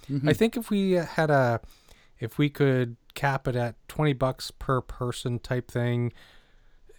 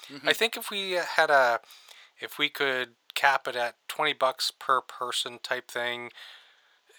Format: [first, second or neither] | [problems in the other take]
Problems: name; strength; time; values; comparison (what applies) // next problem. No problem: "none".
first | thin; very; fading below 850 Hz